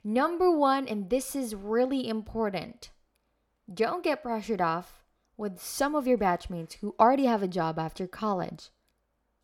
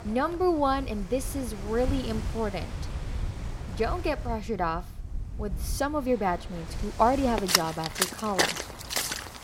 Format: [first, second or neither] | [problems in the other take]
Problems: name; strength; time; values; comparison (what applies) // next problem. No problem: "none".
first | rain or running water; loud; throughout; 3 dB below the speech